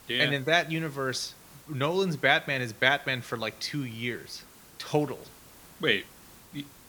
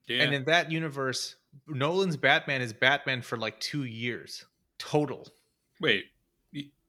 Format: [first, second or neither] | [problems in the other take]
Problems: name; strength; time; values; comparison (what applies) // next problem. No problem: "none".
second | hiss; faint; throughout; 25 dB below the speech